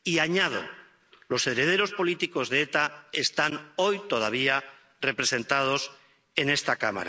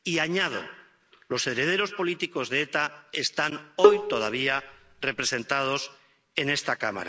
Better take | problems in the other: first | background sound (Bowed string instrument); 4 dB above the speech

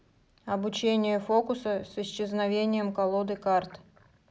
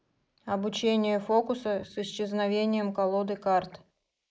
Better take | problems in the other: first | noise reduction (neural mask model Resemble Enhance denoiser)

